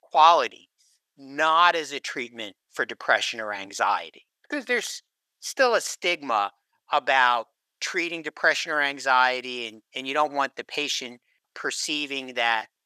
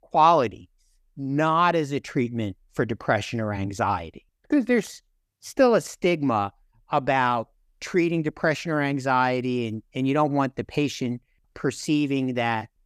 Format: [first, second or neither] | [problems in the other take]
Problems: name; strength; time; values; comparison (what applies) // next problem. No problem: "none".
second | thin; very; fading below 650 Hz